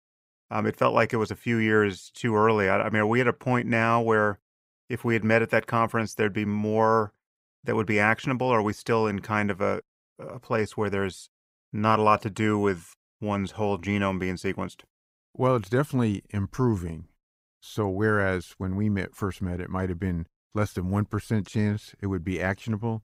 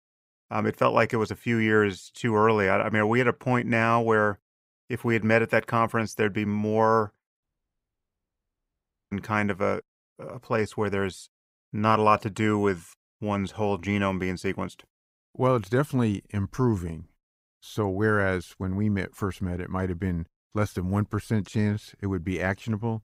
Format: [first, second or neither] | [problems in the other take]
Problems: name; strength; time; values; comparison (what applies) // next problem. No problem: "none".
first | audio cutting out; at 7.5 s for 1.5 s